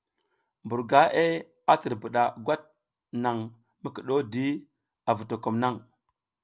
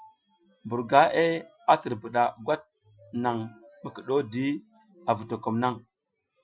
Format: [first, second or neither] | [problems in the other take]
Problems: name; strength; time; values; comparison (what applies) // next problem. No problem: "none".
first | noise reduction (classical method Wiener filter)